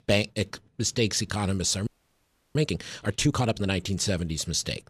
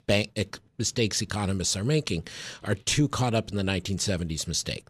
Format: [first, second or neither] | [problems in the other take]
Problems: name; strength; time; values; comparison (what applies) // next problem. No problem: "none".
second | audio freezing; at 2 s for 0.5 s